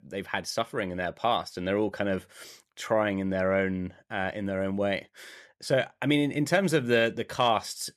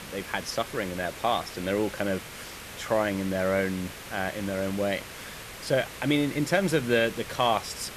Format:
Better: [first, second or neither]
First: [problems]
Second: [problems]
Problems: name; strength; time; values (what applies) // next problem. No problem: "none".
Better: first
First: none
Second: hiss; noticeable; throughout; 10 dB below the speech